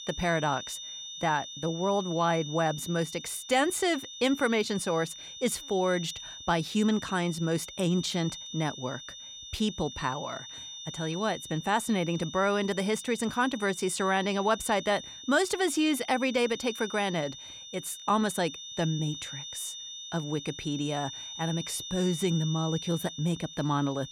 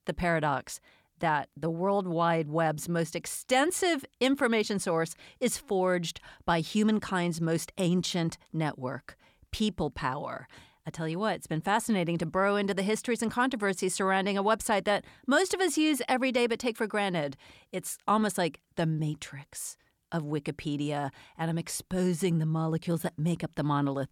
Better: second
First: high-pitched whine; noticeable; throughout; 3.5 kHz, 10 dB below the speech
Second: none

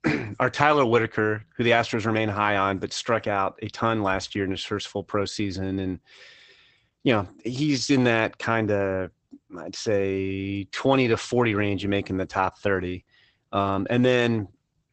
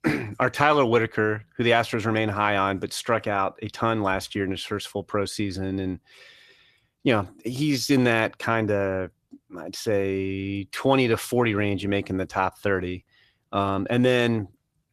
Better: second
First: garbled, watery; badly; nothing above 8 kHz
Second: garbled, watery; slightly; nothing above 14 kHz

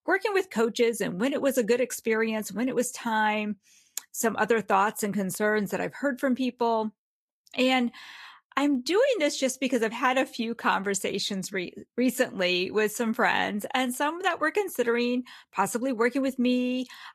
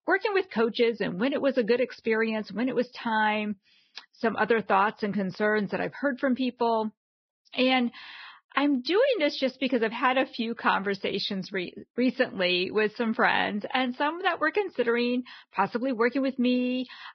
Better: first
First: garbled, watery; slightly; nothing above 13.5 kHz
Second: garbled, watery; badly; nothing above 5 kHz

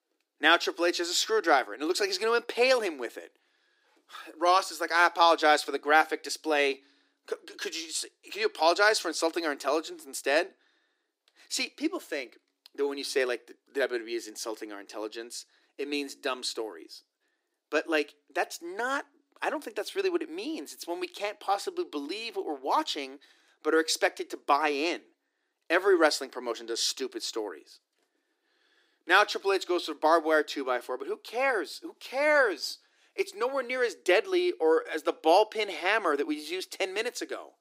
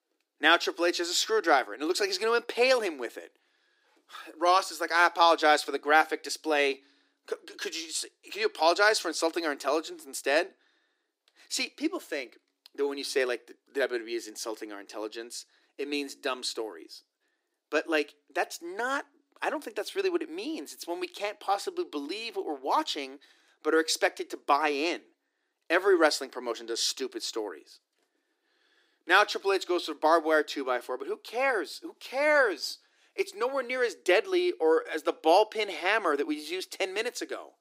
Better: neither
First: thin; somewhat; fading below 300 Hz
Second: thin; somewhat; fading below 300 Hz

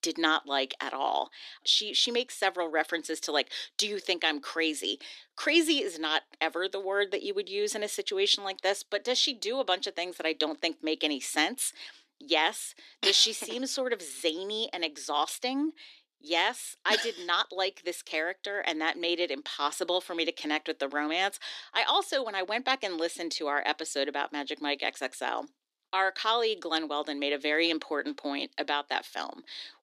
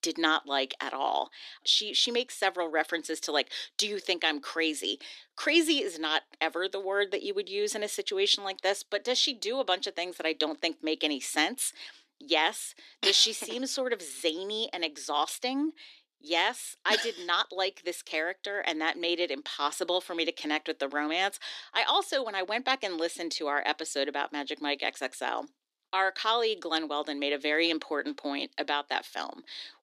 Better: neither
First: thin; somewhat; fading below 300 Hz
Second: thin; somewhat; fading below 300 Hz

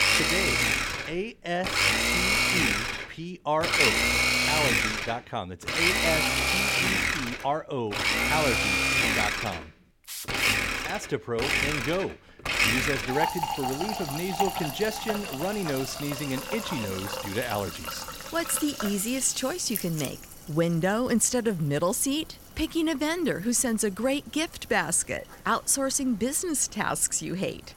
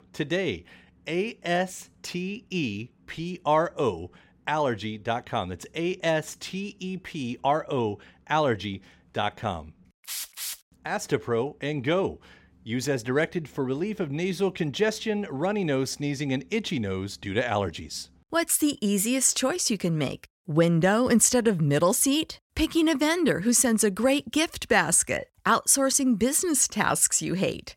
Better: second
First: household noises; very loud; throughout; 3 dB above the speech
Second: none

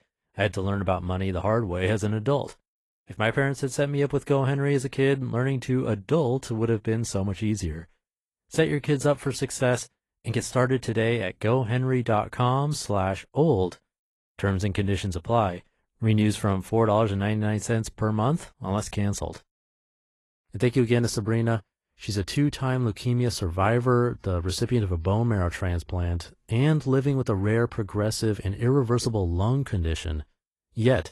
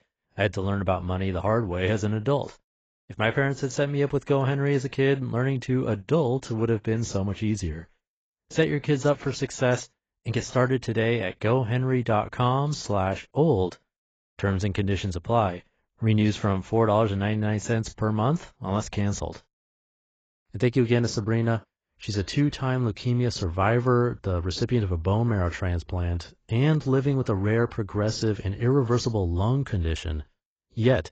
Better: first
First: garbled, watery; slightly; nothing above 11.5 kHz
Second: garbled, watery; badly; nothing above 7.5 kHz

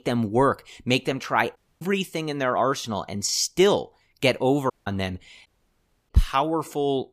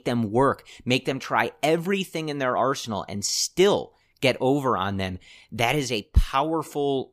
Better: second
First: audio cutting out; at 1.5 s, at 4.5 s and at 5.5 s for 0.5 s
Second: none

